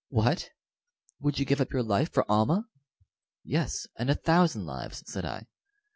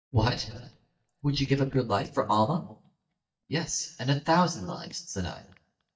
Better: first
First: none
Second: noise reduction (neural mask model DeepFilterNet 3)

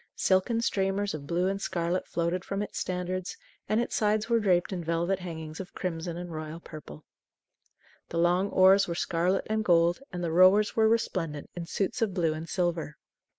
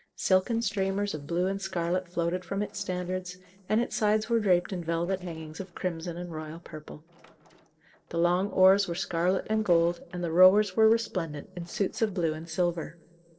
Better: first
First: none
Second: noise reduction (neural separator model SepFormer DNS4)

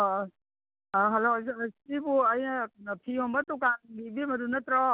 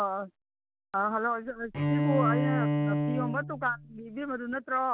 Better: first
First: none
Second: background sound (Bowed string instrument); 3 dB above the speech

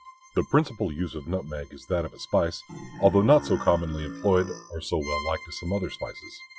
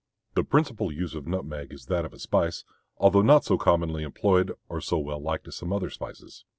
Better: second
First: noise reduction (classical method log-MMSE)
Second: none

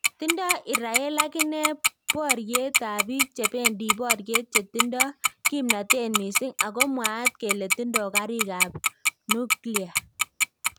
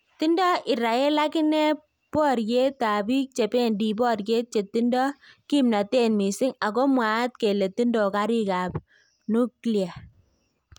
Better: second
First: background sound (Tick-tock); 3 dB above the speech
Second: none

